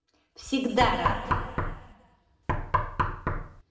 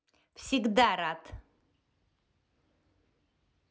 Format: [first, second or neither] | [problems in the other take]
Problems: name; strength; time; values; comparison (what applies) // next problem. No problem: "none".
second | background sound (Knock); 3 dB above the speech // room echo; dies away in 2.6 s